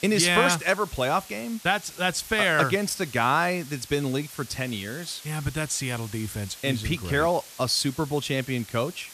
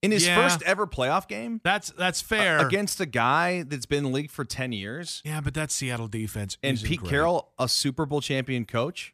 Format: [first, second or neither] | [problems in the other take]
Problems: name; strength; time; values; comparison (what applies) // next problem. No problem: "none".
second | hiss; noticeable; throughout; 15 dB below the speech